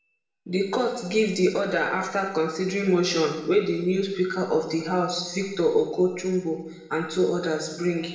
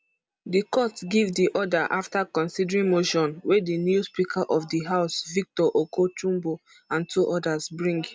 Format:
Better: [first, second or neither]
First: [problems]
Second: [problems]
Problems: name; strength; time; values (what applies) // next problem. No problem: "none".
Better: second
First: room echo; dies away in 0.9 s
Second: none